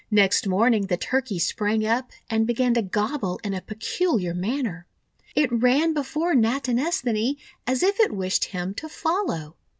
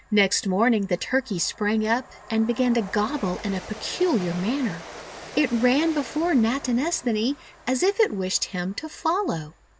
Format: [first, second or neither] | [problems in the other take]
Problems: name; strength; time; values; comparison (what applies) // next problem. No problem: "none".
first | background sound (Train); 18 dB below the speech